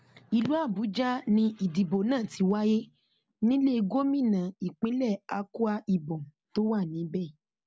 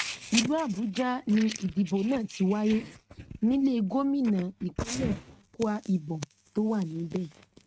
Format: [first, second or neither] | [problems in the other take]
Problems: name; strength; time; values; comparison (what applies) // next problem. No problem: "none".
first | noise reduction (neural mask model RNNoise)